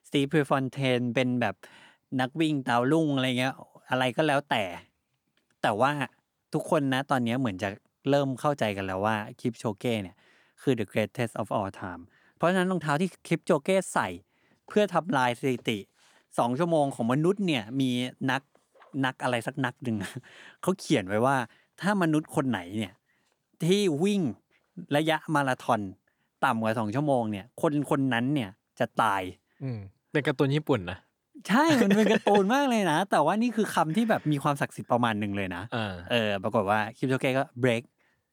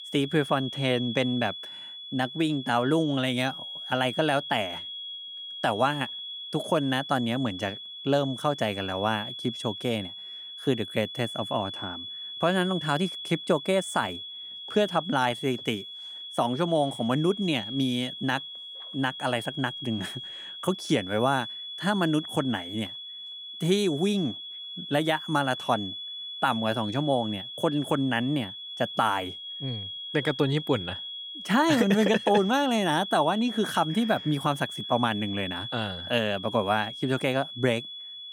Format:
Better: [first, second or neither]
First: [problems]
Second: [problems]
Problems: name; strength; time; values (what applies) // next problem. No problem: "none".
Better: first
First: none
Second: high-pitched whine; loud; throughout; 3.5 kHz, 9 dB below the speech